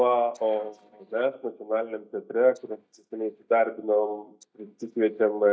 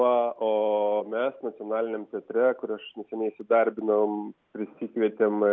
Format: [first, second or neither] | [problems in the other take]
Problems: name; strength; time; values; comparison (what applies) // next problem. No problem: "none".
second | noise reduction (neural mask model DeepFilterNet 3)